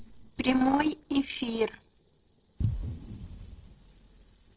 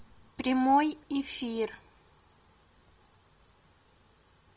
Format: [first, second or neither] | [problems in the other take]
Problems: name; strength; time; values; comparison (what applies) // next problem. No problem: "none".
second | noise reduction (neural separator model SepFormer DNS4)